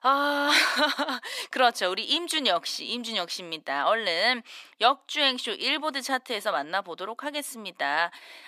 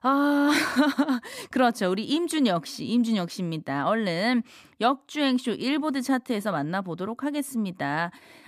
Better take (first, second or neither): second